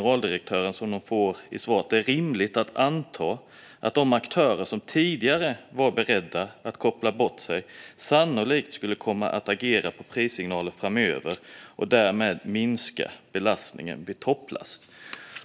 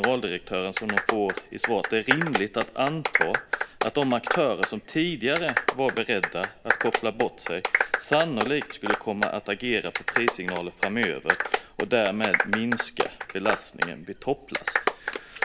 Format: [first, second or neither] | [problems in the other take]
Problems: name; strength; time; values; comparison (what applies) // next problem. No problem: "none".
first | background sound (Clapping); 1 dB below the speech